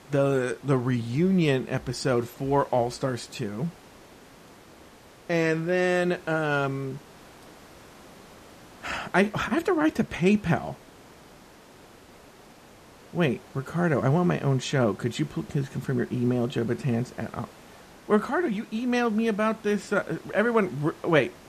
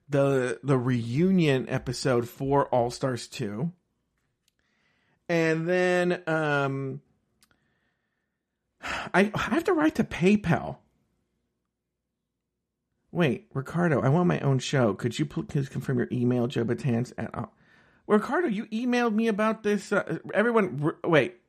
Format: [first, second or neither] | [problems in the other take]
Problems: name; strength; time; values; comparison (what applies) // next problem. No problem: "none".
second | hiss; faint; throughout; 25 dB below the speech